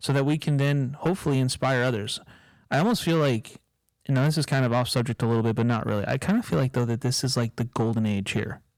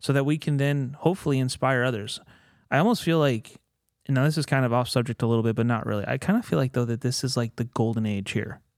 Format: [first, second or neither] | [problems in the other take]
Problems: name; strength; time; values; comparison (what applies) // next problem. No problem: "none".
second | distortion; slight; 10 dB below the speech